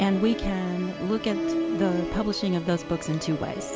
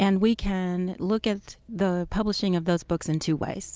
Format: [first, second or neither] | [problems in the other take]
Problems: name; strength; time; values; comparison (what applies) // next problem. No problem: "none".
second | background sound (Musical instrument); 5 dB below the speech